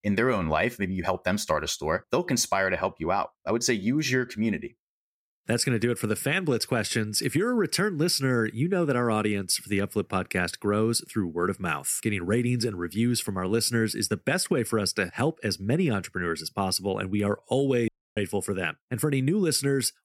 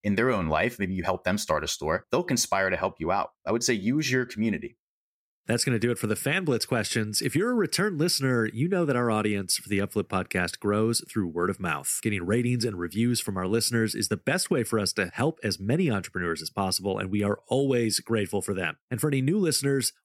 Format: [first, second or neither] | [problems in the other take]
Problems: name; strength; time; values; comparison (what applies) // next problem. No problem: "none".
second | audio cutting out; at 18 s